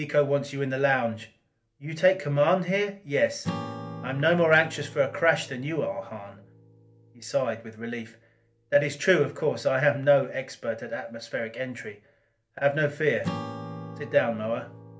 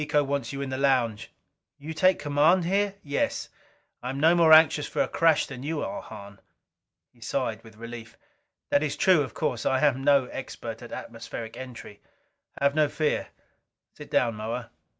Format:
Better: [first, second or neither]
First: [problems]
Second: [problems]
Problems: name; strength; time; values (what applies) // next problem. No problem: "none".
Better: second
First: background sound (Acoustic guitar / Strum); 16 dB below the speech // room echo; dies away in 0.3 s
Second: none